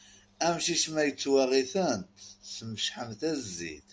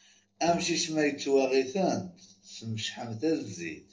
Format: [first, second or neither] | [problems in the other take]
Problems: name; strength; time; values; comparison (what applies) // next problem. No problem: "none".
first | noise reduction (neural separator model SepFormer DNS4)